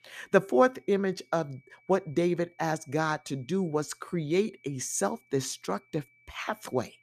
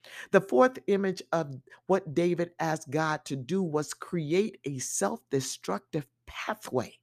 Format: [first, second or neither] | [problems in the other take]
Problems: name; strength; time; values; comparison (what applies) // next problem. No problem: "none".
second | high-pitched whine; faint; throughout; 2.5 kHz, 35 dB below the speech